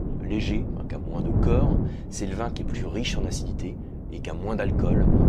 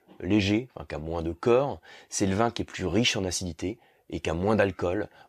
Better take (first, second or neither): second